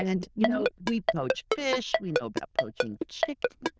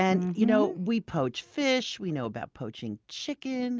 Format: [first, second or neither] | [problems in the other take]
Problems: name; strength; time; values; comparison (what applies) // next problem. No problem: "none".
second | noise reduction (neural diffusion model UNIVERSE++)